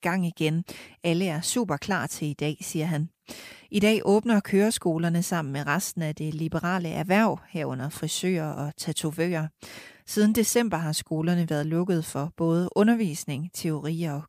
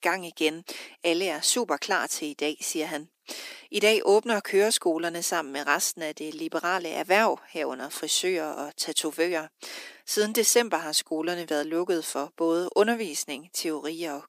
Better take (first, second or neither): first